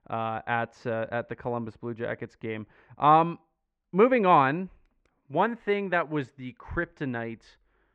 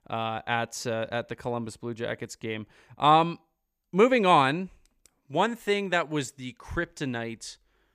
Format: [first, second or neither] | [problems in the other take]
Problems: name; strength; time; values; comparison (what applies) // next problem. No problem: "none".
second | muffled; very; fading above 1.5 kHz